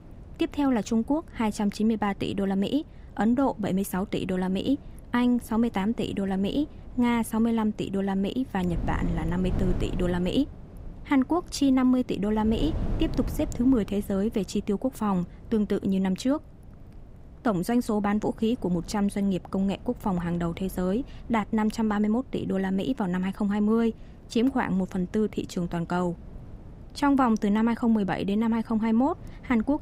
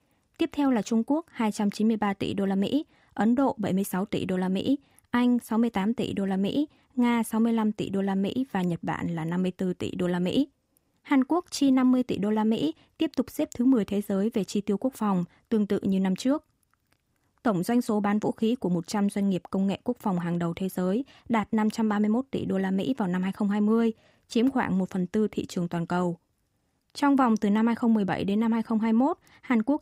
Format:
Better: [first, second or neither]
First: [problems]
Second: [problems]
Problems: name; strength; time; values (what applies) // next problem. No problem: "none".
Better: second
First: wind noise on the microphone; occasional gusts; 20 dB below the speech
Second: none